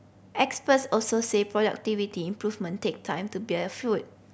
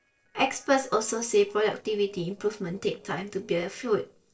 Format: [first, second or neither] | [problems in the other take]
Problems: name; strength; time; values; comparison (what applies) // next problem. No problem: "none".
first | noise reduction (neural separator model SepFormer DNS4)